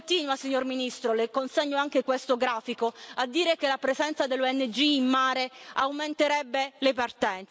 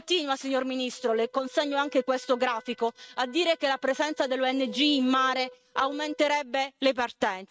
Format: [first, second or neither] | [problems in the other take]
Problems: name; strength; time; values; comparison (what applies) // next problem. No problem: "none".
first | noise reduction (neural mask model RNNoise)